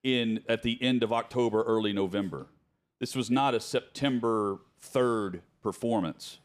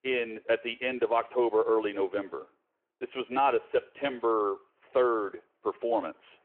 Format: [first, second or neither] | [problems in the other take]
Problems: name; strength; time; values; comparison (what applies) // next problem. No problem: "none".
first | phone-call audio